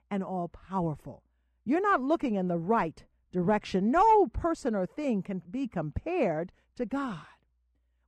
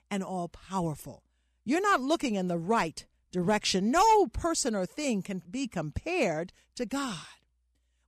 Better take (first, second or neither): second